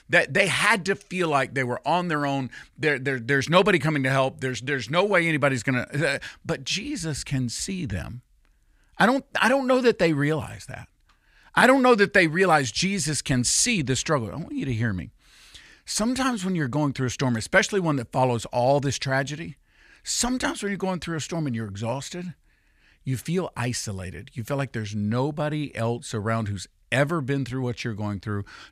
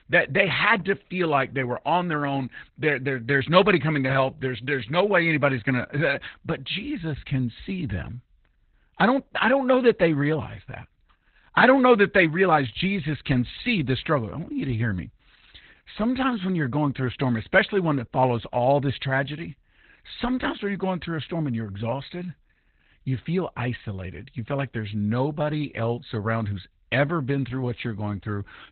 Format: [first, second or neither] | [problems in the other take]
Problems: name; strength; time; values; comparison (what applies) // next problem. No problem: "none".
first | garbled, watery; badly; nothing above 4 kHz